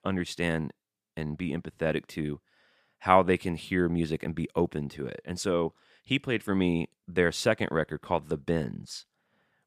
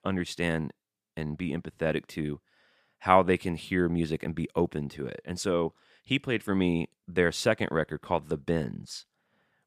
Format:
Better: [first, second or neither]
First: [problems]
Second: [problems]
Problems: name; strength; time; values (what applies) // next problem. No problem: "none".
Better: neither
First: none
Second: none